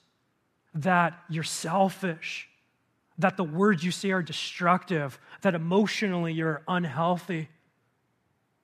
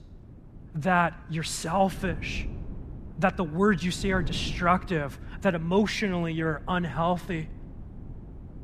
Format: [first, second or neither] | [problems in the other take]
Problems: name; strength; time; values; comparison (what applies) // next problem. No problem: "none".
first | wind noise on the microphone; occasional gusts; 20 dB below the speech